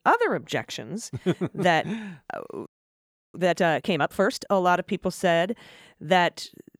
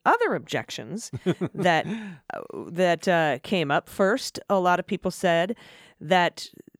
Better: second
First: audio freezing; at 2.5 s for 0.5 s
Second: none

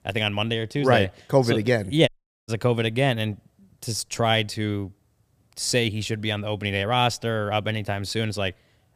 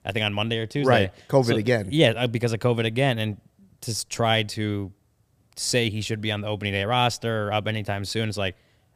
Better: second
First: audio cutting out; at 2 s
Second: none

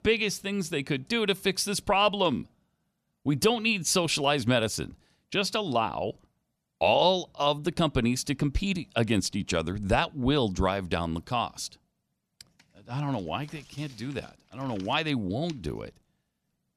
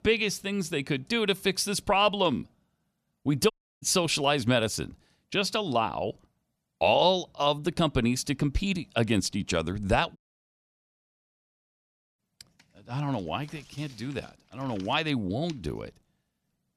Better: first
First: none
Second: audio cutting out; at 3.5 s and at 10 s for 2 s

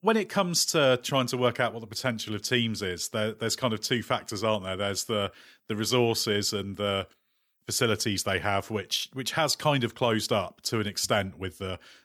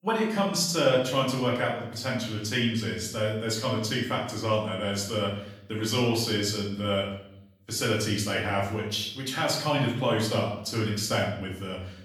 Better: first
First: none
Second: off-mic speech; far // room echo; noticeable; dies away in 0.7 s

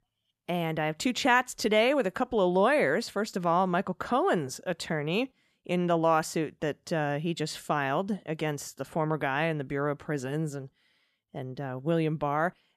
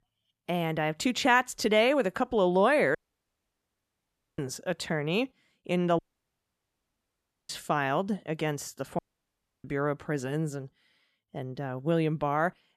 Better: first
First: none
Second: audio cutting out; at 3 s for 1.5 s, at 6 s for 1.5 s and at 9 s for 0.5 s

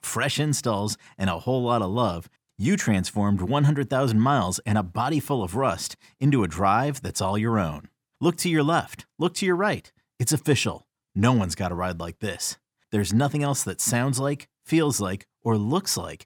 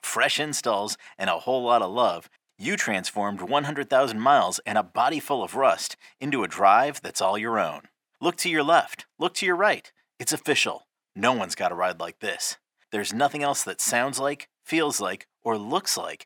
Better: first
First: none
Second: thin; very; fading below 350 Hz

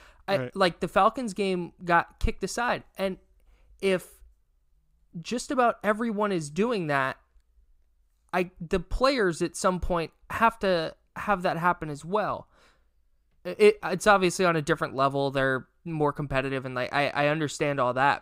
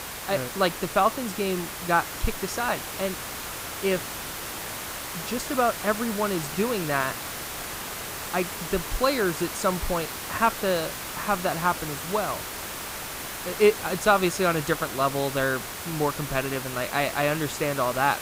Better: first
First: none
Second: hiss; loud; throughout; 6 dB below the speech

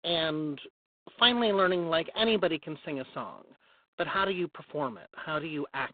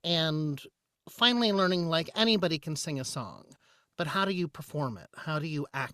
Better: second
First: phone-call audio; poor line; nothing above 3.5 kHz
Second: none

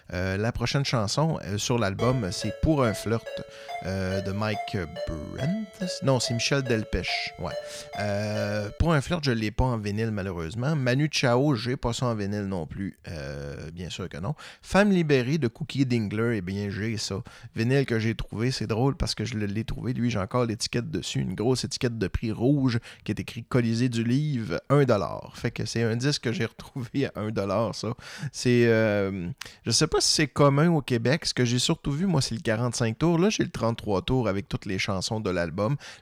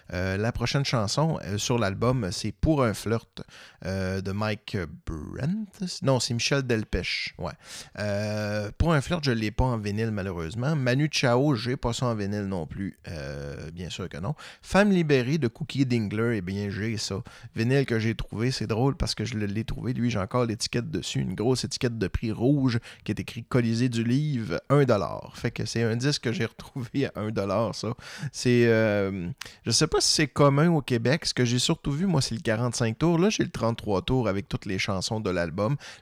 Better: second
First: phone ringing; faint; from 2 to 9 s; peak 10 dB below the speech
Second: none

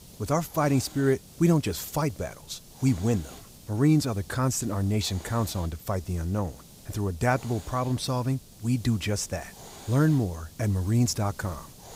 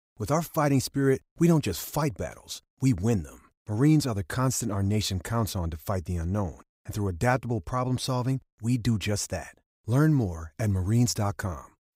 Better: second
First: hiss; noticeable; throughout; 20 dB below the speech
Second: none

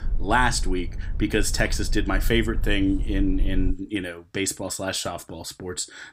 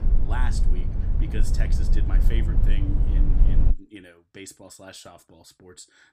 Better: first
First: low rumble; faint; until 3.5 s; 20 dB below the speech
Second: low rumble; loud; until 3.5 s; 1 dB below the speech

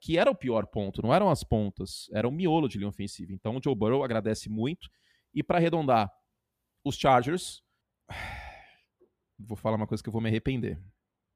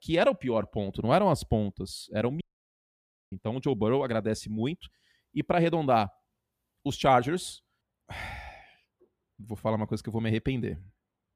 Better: first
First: none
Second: audio cutting out; at 2.5 s for 1 s

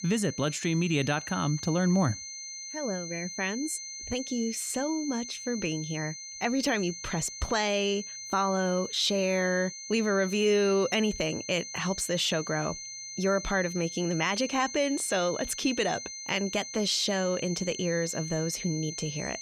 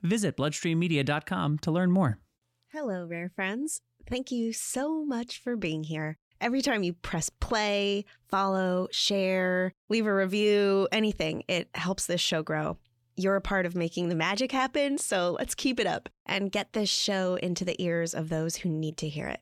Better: second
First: high-pitched whine; loud; throughout; 6 kHz, 9 dB below the speech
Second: none

